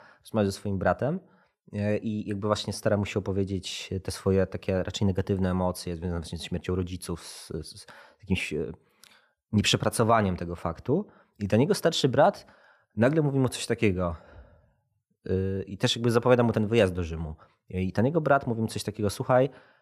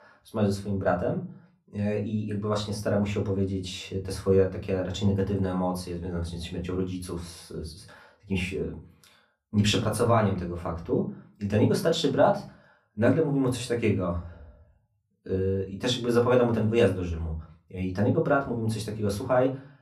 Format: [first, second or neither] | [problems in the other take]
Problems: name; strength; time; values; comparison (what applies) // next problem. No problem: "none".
first | off-mic speech; far // room echo; very slight; dies away in 0.3 s